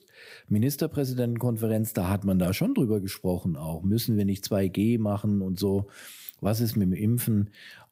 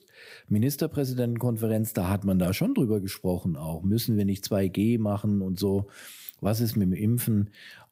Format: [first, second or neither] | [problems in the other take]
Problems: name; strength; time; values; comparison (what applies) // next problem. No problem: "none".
neither | none